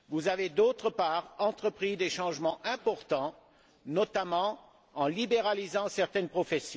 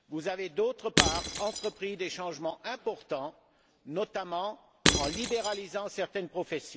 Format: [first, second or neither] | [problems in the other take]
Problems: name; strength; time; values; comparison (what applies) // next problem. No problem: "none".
first | background sound (Shatter / Crushing); 3 dB above the speech